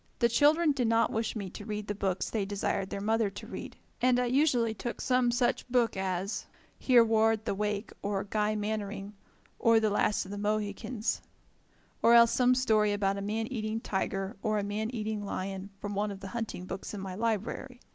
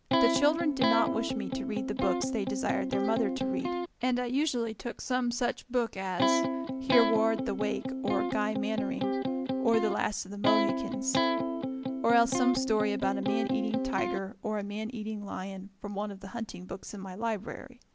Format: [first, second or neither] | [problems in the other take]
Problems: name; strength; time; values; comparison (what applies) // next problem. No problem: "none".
first | background sound (Electric guitar); 1 dB above the speech